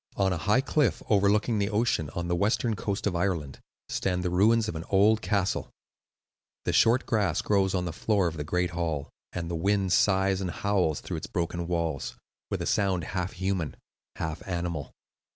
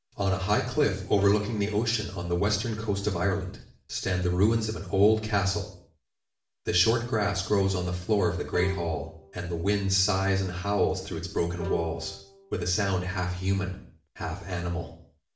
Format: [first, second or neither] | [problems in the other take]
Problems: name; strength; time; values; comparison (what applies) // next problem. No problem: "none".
first | background sound (Bowed string instrument); 14 dB below the speech // room echo; dies away in 0.5 s